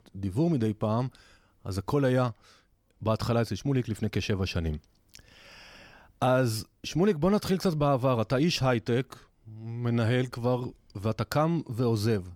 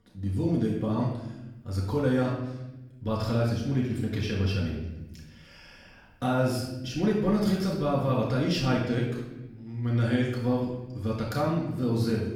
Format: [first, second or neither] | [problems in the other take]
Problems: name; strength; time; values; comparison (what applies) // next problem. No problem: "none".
first | off-mic speech; far // room echo; noticeable; dies away in 0.9 s